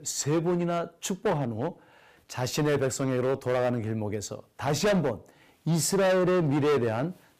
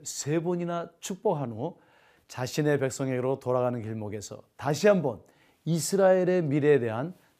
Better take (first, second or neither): second